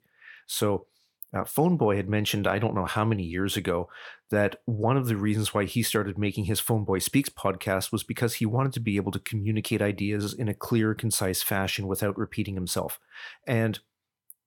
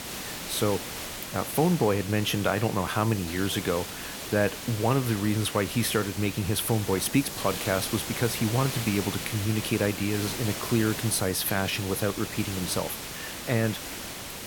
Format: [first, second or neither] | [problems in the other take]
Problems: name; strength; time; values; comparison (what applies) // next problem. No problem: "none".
first | hiss; loud; throughout; 7 dB below the speech